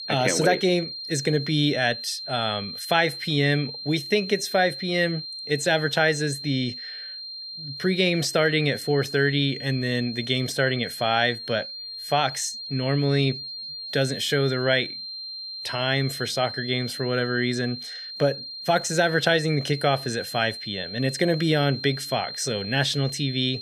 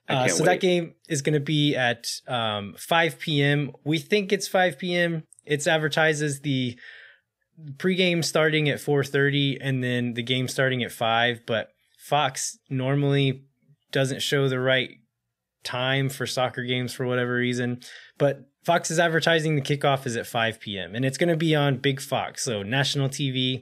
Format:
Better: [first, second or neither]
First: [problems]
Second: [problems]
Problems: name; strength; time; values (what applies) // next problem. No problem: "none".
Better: second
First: high-pitched whine; loud; throughout; 4 kHz, 9 dB below the speech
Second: none